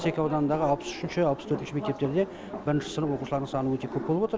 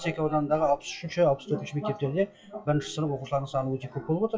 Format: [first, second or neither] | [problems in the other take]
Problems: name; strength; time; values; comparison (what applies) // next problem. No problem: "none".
first | noise reduction (classical method WPE with log-MMSE)